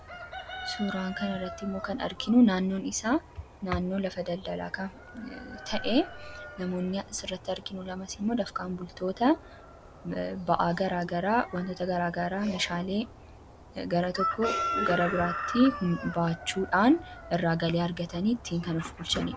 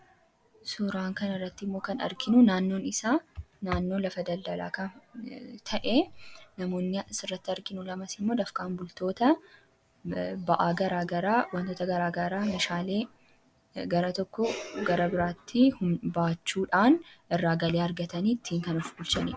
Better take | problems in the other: second | background sound (Chicken, rooster); 11 dB below the speech

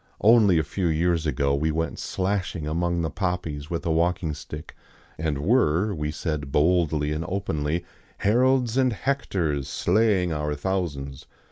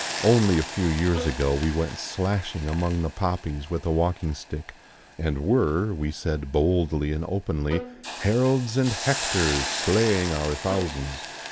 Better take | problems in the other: first | background sound (Bowed string instrument + Hiss); 10 dB below the speech

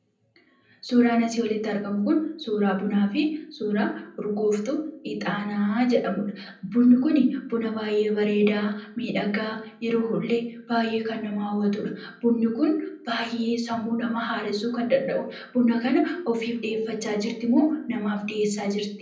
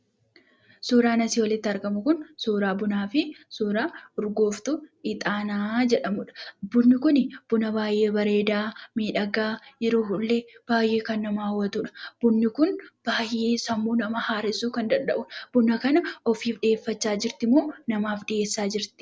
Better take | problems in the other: second | room echo; dies away in 0.6 s

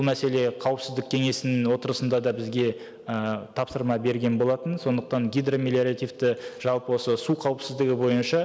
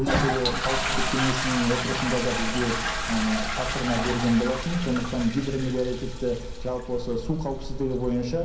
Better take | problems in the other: first | background sound (Toilet flush); 2 dB below the speech // room echo; dies away in 0.6 s

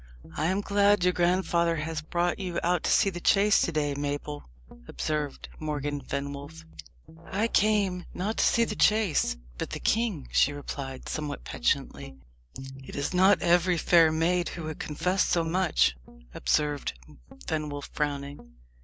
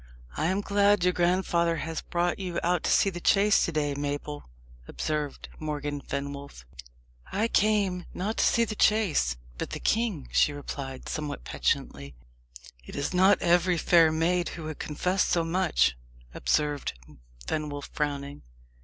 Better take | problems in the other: second | background sound (Guitar + Brass instrument); 18 dB below the speech

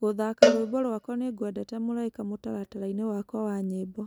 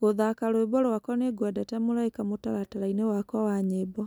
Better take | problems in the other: second | background sound (Cowbell); 2 dB above the speech

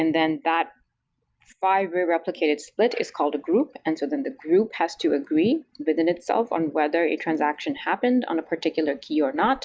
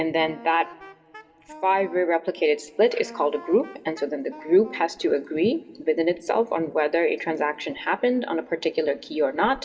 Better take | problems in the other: first | background sound (Wind instrument, woodwind instrument); 19 dB below the speech // room echo; dies away in 1.2 s

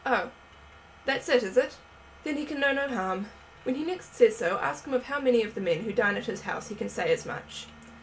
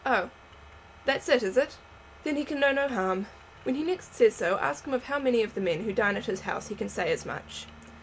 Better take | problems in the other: second | room echo; dies away in 0.3 s

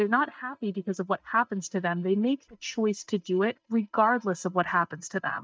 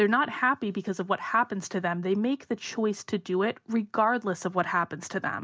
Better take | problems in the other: second | noise reduction (neural mask model DeepFilterNet 3)

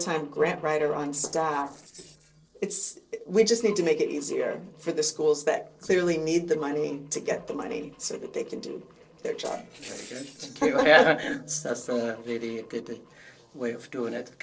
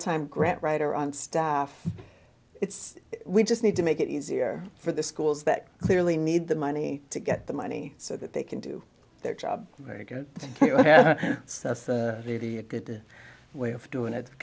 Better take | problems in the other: second | noise reduction (neural separator model SepFormer DNS4)

